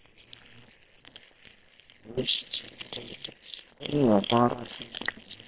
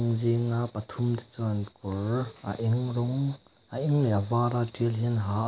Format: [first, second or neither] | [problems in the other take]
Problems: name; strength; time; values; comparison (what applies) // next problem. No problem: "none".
second | noise reduction (neural separator model SepFormer WHAM!)